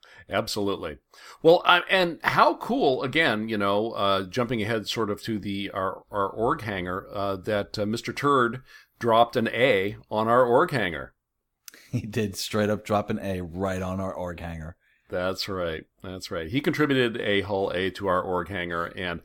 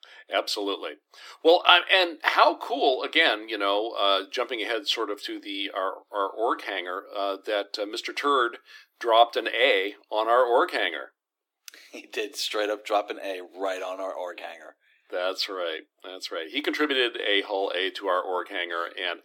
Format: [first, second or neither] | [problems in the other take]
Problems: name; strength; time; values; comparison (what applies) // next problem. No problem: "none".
first | thin; somewhat; fading below 300 Hz